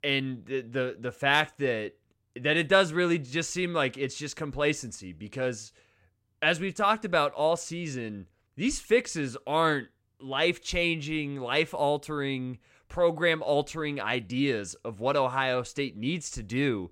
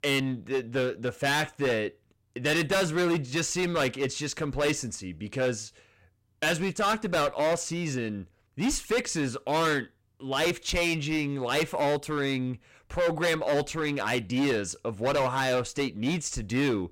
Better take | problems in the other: first | distortion; heavy; 14% of the sound clipped

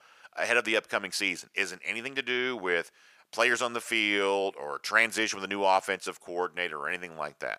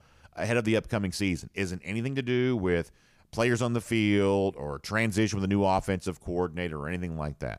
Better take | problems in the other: second | thin; very; fading below 550 Hz

